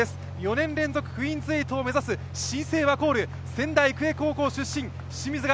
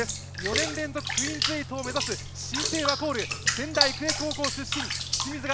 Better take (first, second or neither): first